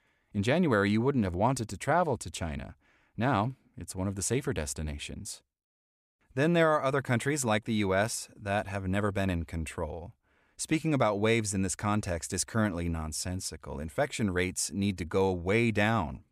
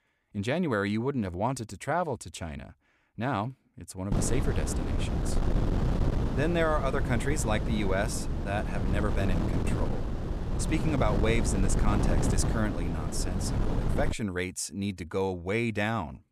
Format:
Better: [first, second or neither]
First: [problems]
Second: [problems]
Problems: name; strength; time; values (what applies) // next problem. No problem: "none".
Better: first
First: none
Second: wind noise on the microphone; heavy; from 4 to 14 s; 5 dB below the speech